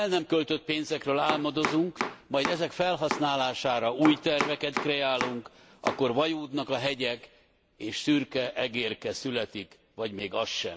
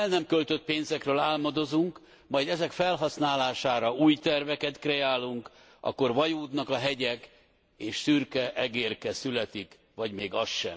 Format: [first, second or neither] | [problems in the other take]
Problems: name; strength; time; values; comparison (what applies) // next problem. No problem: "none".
second | background sound (Domestic sounds, home sounds); 6 dB below the speech